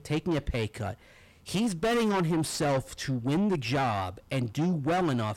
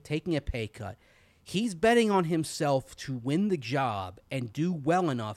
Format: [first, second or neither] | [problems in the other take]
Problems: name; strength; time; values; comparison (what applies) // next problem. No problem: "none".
second | distortion; heavy; 6 dB below the speech